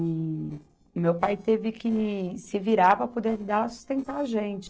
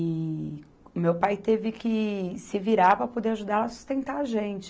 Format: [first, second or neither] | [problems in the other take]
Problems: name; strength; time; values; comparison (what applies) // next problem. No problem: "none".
second | noise reduction (neural separator model SepFormer DNS4)